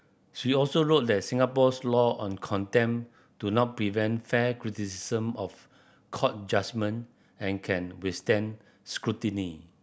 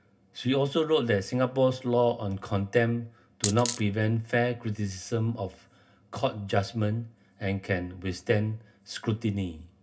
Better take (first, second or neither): first